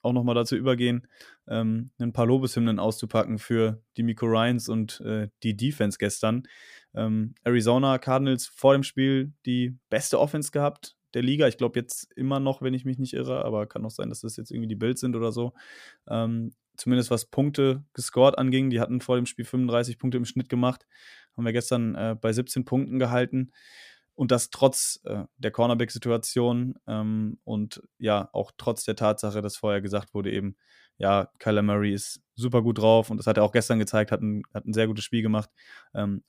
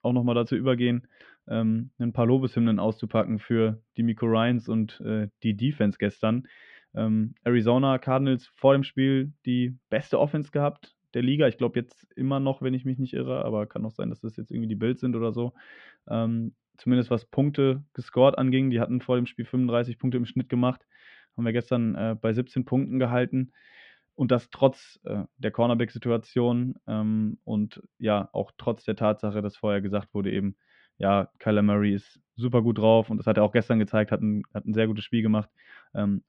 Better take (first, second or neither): first